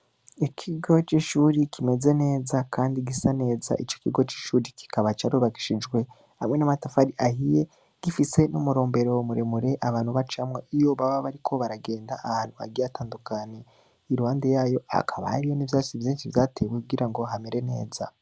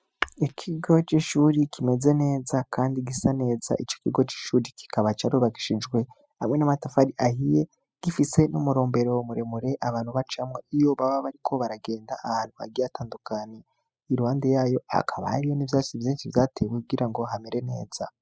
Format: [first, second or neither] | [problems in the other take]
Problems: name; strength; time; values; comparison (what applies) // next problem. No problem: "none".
first | noise reduction (classical method spectral subtraction)